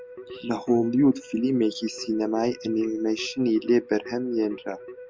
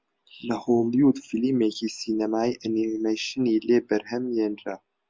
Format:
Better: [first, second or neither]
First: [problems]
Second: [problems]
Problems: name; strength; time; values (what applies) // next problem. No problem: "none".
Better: second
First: background sound (Keyboard (musical)); 17 dB below the speech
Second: none